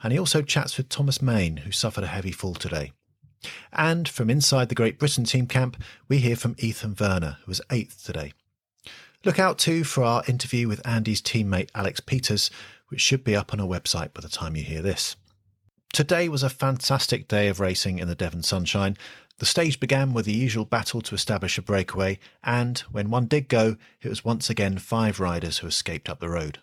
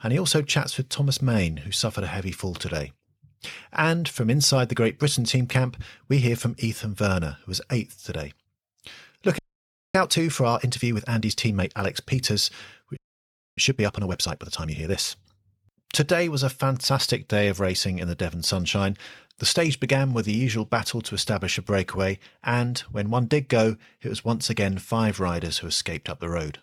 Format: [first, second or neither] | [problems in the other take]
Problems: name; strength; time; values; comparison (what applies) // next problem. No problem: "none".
first | audio freezing; at 9.5 s for 0.5 s and at 13 s for 0.5 s